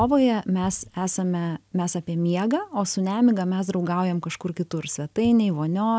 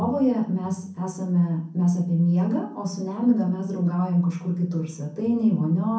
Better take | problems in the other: first | room echo; dies away in 0.6 s

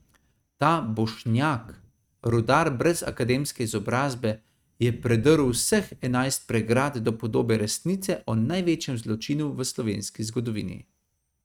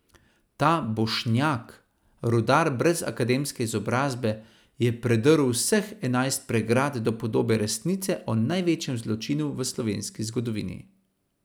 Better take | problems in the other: second | noise reduction (neural mask model RNNoise)

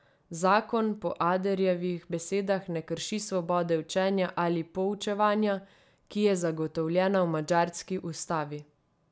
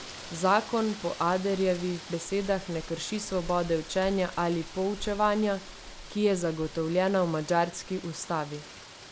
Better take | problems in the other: first | background sound (Rain); 14 dB below the speech

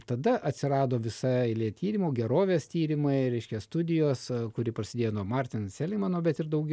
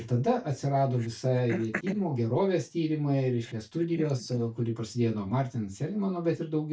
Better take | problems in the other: first | noise reduction (neural mask model DeepFilterNet 3)

